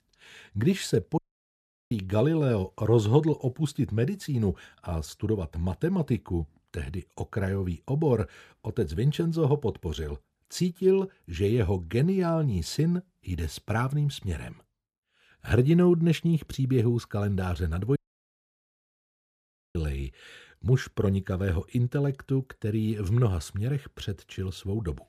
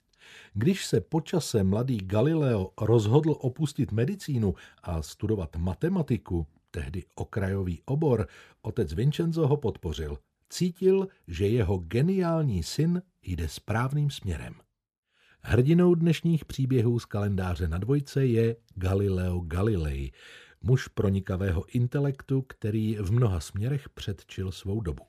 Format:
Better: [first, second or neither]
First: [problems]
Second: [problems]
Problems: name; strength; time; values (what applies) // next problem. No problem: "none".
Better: second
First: audio cutting out; at 1 s for 0.5 s and at 18 s for 2 s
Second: none